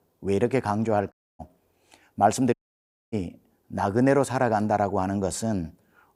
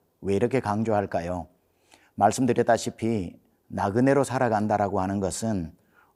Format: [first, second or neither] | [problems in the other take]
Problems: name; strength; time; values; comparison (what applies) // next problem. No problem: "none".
second | audio cutting out; at 1 s and at 2.5 s for 0.5 s